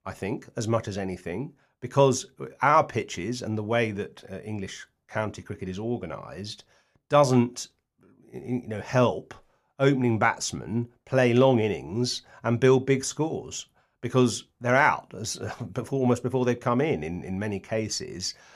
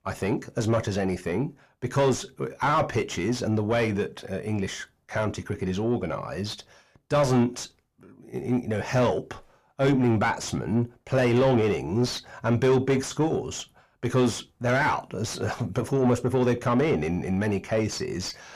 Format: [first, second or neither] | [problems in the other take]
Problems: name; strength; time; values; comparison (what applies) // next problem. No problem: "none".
first | distortion; heavy; 6 dB below the speech